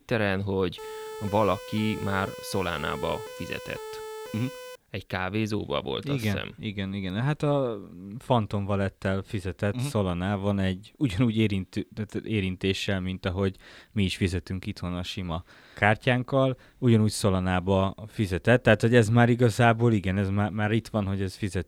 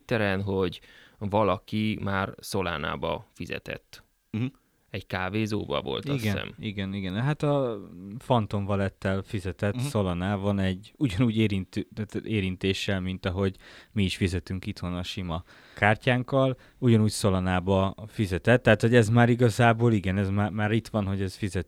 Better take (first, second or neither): second